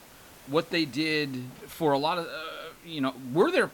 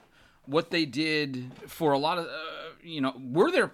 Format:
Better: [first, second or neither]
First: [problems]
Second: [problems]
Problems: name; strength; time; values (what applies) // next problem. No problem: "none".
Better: second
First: hiss; faint; throughout; 25 dB below the speech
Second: none